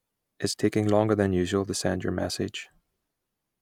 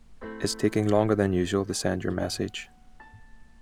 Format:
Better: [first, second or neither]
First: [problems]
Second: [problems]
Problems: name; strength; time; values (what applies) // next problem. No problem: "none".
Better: first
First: none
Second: background sound (Keyboard (musical)); 17 dB below the speech